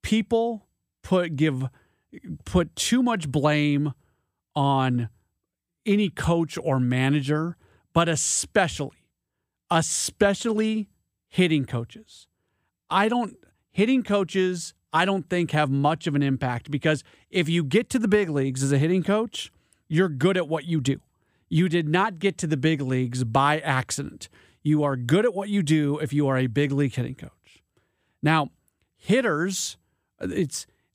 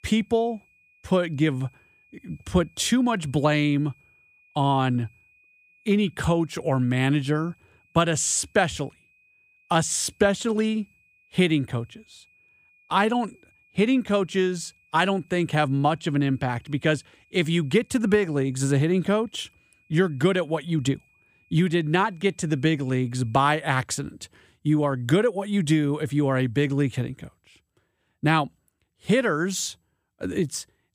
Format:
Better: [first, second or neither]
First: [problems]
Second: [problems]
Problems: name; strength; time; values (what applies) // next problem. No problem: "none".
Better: first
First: none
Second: high-pitched whine; faint; until 23 s; 2.5 kHz, 35 dB below the speech